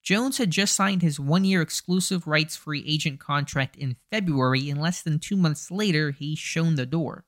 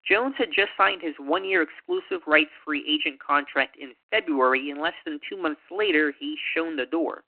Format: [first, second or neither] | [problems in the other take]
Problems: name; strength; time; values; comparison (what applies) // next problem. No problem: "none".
first | phone-call audio